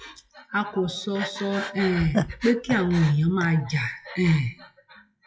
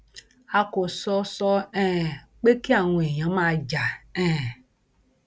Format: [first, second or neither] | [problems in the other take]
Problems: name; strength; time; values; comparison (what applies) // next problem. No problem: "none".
second | noise reduction (classical method WPE with log-MMSE)